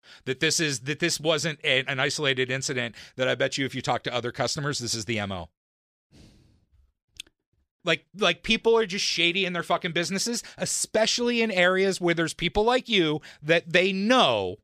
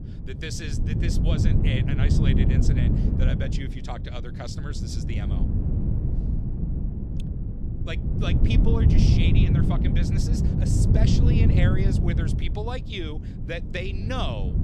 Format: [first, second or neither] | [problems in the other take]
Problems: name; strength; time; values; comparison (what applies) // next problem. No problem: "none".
first | wind noise on the microphone; heavy; as loud as the speech